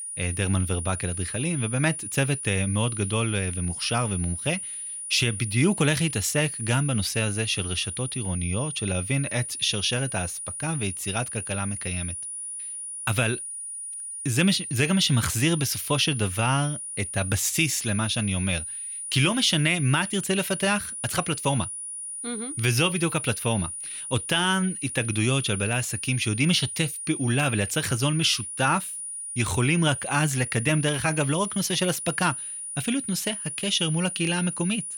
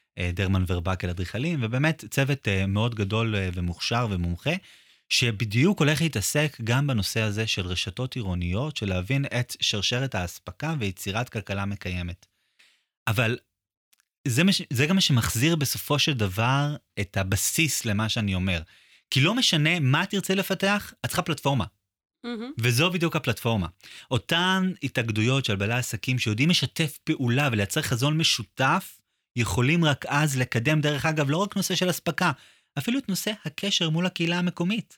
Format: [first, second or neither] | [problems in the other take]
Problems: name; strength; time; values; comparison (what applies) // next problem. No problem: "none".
second | high-pitched whine; loud; throughout; 9.5 kHz, 6 dB below the speech